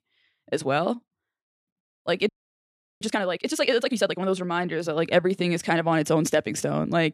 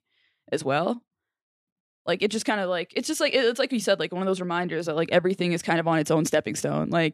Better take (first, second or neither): second